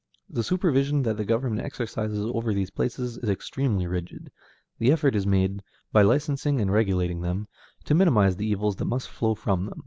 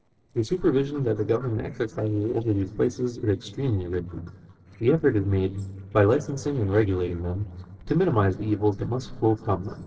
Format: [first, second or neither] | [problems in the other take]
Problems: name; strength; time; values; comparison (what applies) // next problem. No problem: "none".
first | noise reduction (neural separator model SepFormer DNS4)